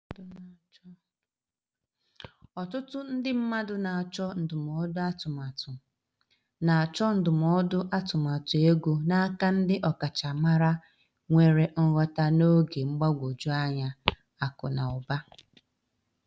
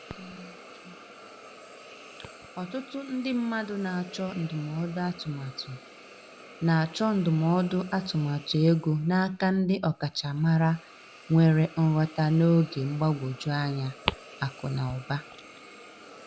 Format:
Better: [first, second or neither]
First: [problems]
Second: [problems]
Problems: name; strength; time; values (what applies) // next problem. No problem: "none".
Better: first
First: none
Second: background sound (Hiss); 20 dB below the speech